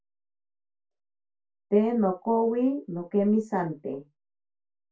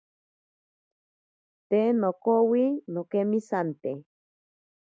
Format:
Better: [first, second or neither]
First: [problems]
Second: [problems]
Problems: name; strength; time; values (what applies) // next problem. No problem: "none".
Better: second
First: room echo; dies away in 0.2 s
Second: none